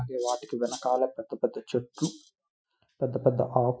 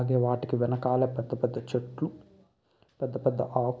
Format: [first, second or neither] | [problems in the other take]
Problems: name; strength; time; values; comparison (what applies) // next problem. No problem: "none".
second | noise reduction (classical method Wiener filter)